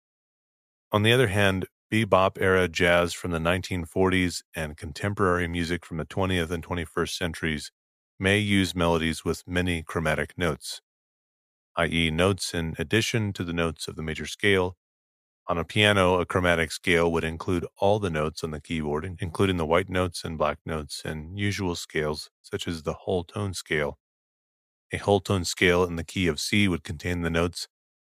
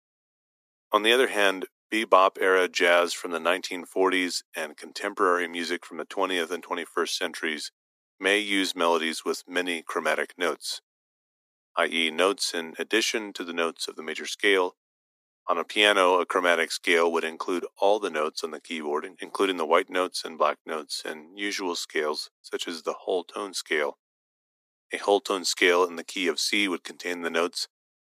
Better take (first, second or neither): first